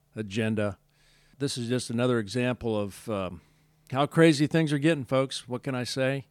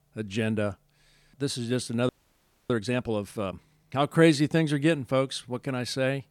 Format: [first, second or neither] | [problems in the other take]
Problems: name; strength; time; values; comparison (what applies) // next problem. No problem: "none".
first | audio freezing; at 2 s for 0.5 s